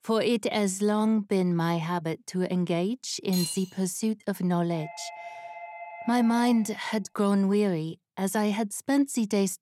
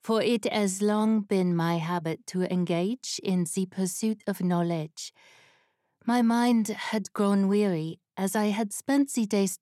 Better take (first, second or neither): second